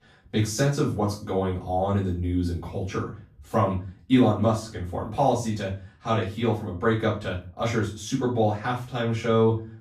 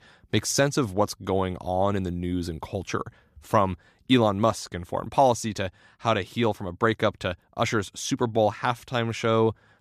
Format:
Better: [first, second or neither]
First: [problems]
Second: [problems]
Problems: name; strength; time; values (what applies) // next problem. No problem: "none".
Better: second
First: off-mic speech; far // room echo; slight; dies away in 0.4 s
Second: none